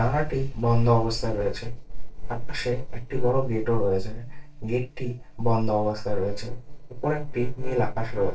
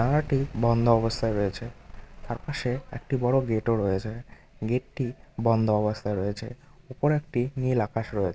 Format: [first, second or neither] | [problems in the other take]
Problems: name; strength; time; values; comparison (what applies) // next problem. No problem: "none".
second | noise reduction (neural separator model SepFormer DNS4)